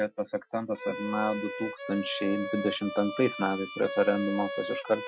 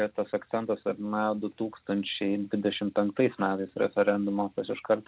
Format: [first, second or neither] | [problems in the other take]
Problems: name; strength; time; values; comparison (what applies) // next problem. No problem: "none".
second | noise reduction (classical method Wiener filter)